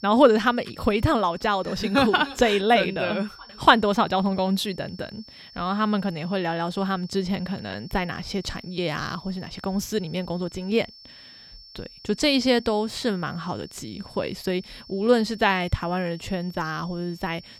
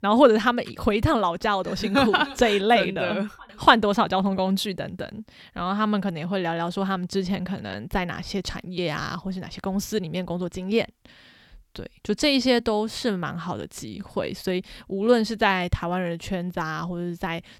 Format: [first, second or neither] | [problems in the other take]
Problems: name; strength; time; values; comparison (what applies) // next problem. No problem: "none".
second | high-pitched whine; faint; throughout; 5.5 kHz, 20 dB below the speech